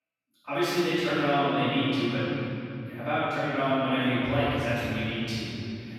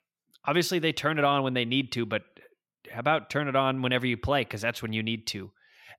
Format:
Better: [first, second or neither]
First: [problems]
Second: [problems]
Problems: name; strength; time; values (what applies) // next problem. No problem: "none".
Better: second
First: room echo; strong; dies away in 3 s // off-mic speech; far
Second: none